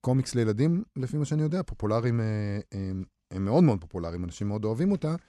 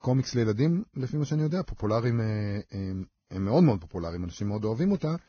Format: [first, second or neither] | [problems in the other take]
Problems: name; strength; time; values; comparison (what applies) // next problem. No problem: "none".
first | garbled, watery; badly; nothing above 6.5 kHz